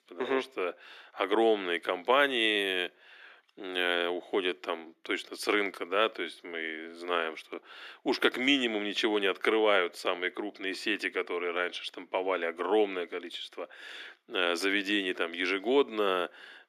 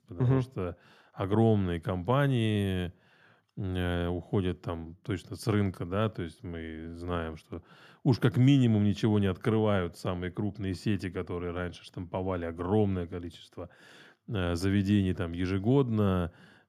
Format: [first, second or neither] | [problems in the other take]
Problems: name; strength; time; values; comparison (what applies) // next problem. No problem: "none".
second | thin; very; fading below 350 Hz